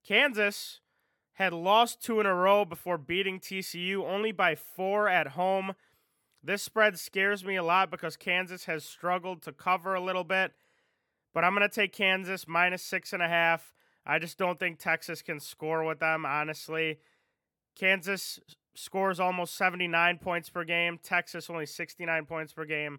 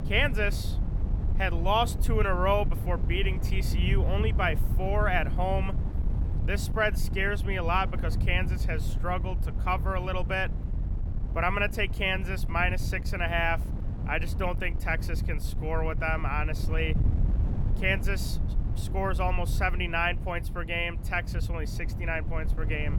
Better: first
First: none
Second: wind noise on the microphone; occasional gusts; 15 dB below the speech

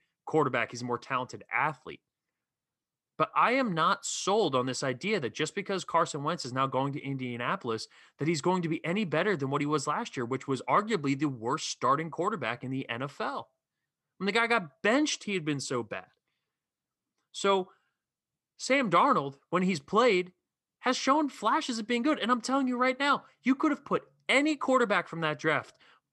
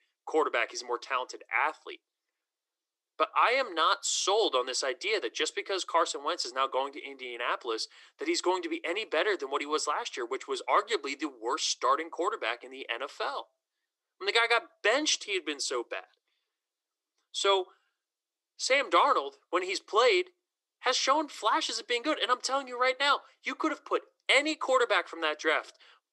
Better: first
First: none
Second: thin; very; fading below 350 Hz

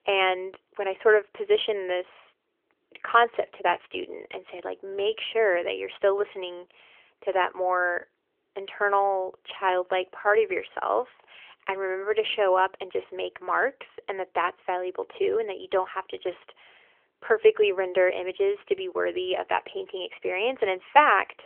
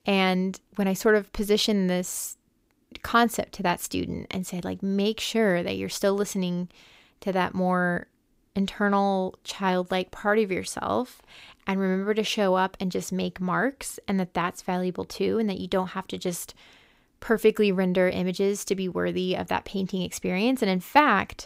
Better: second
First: phone-call audio; nothing above 3.5 kHz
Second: none

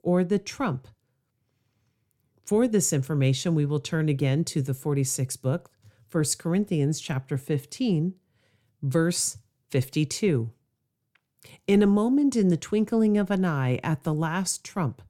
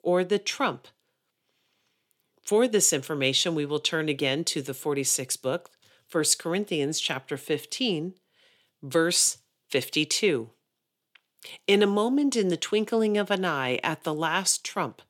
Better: first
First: none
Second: thin; somewhat; fading below 350 Hz

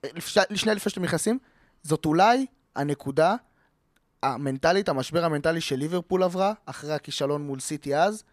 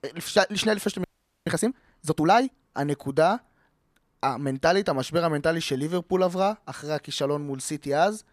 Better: first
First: none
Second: audio freezing; at 1 s

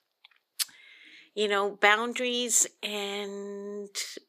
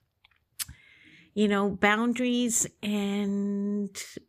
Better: second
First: thin; somewhat; fading below 400 Hz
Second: none

